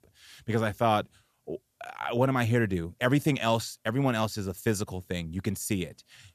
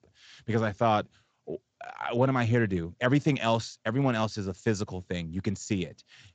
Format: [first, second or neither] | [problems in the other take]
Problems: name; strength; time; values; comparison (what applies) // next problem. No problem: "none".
first | garbled, watery; slightly; nothing above 7.5 kHz